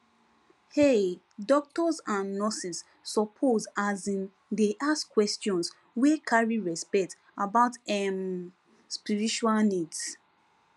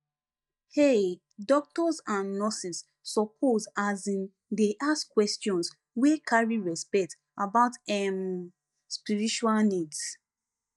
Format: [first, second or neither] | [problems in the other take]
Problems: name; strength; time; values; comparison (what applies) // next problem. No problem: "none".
first | noise reduction (neural mask model DeepFilterNet 3)